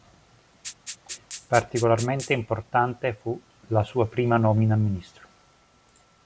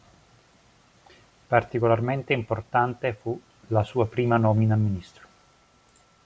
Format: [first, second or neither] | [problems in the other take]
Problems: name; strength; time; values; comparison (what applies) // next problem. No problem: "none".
second | background sound (Rattle (instrument)); 14 dB below the speech